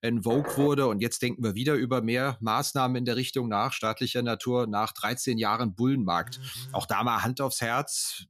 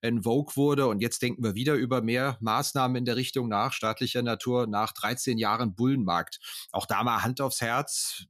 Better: second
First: door banging; noticeable; at 0.5 s; peak 7 dB below the speech // phone ringing; faint; at 6 s; peak 15 dB below the speech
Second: none

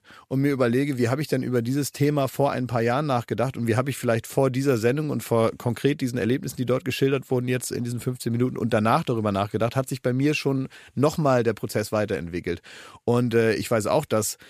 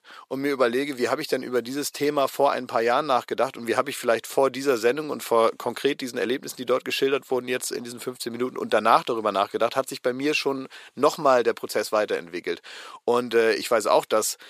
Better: first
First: none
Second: thin; somewhat; fading below 400 Hz

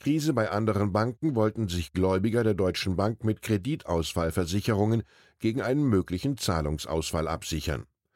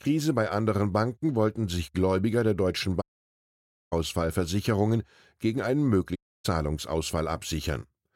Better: first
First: none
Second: audio cutting out; at 3 s for 1 s and at 6 s

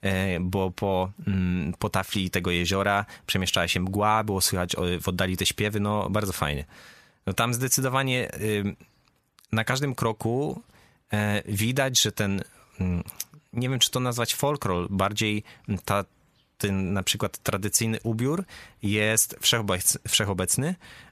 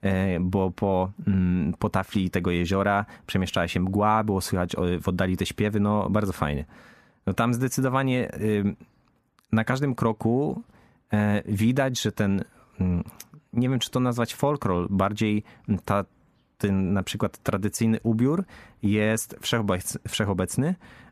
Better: first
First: none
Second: muffled; slightly; fading above 2 kHz

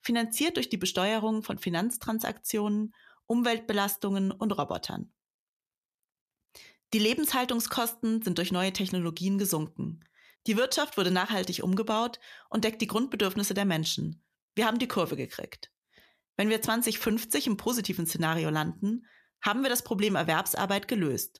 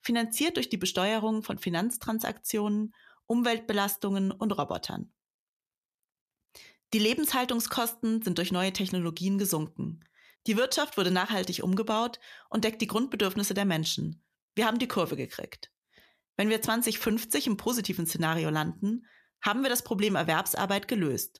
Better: neither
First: none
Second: none

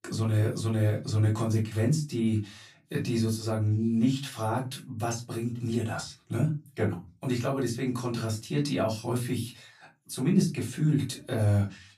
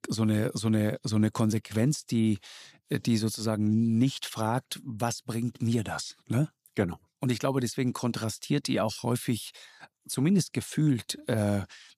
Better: second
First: off-mic speech; far // room echo; very slight; dies away in 0.3 s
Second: none

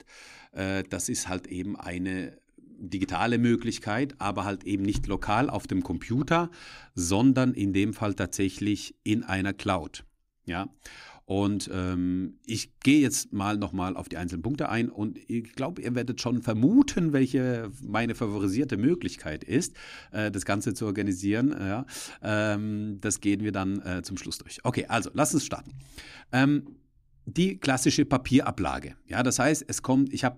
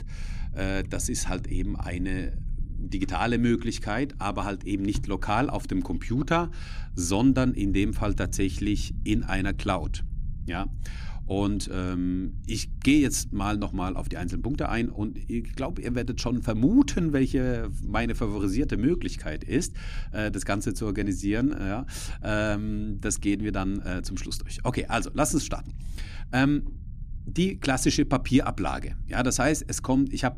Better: first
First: none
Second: low rumble; faint; throughout; 25 dB below the speech

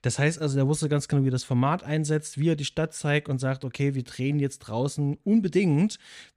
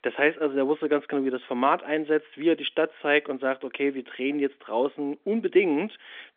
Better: first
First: none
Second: phone-call audio; nothing above 3.5 kHz

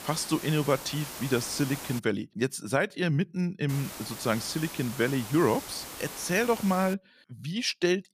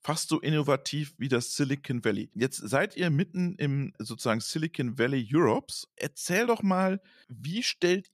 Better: second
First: hiss; noticeable; until 2 s and from 3.5 to 7 s; 10 dB below the speech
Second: none

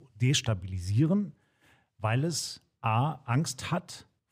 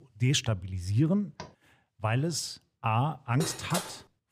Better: first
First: none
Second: door banging; faint; at 1.5 s; peak 20 dB below the speech // clattering dishes; noticeable; at 3.5 s; peak 5 dB below the speech

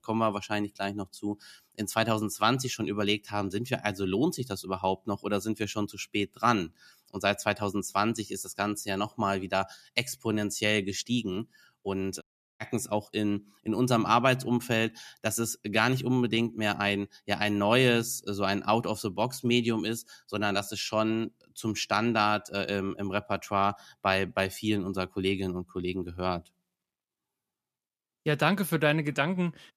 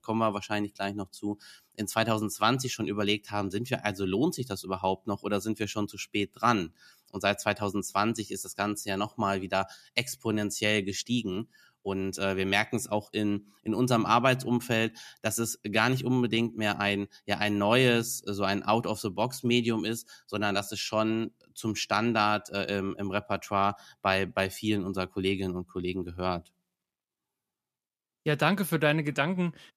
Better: second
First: audio cutting out; at 12 s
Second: none

